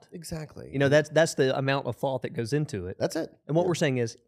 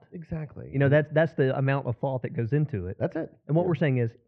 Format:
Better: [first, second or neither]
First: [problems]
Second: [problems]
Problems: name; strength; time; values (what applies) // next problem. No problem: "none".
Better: first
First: none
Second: muffled; very; fading above 2.5 kHz